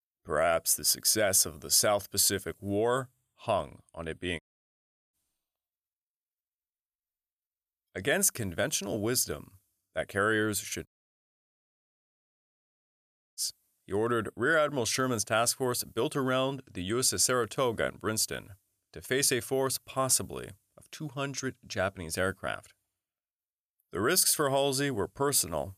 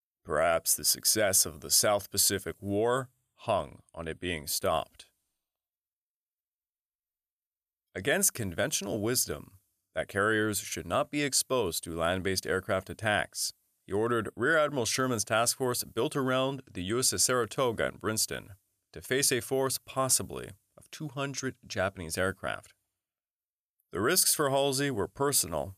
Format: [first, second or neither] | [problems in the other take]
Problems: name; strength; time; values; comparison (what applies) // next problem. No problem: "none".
second | audio cutting out; at 4.5 s for 0.5 s and at 11 s for 2.5 s